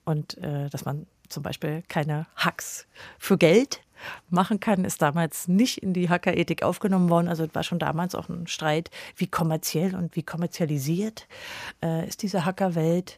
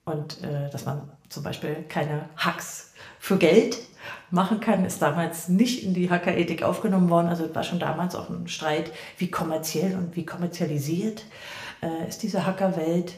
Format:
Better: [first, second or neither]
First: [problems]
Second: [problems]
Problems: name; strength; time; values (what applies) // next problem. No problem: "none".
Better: first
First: none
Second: room echo; very slight; dies away in 0.5 s